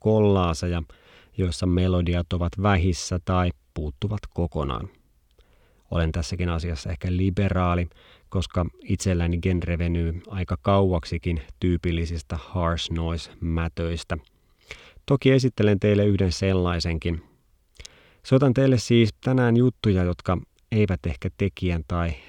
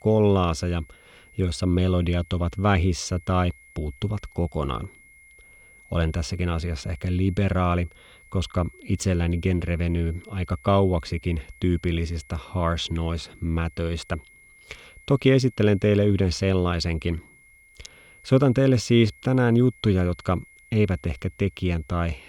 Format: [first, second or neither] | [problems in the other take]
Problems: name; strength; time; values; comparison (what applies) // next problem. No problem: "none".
first | high-pitched whine; faint; throughout; 2 kHz, 25 dB below the speech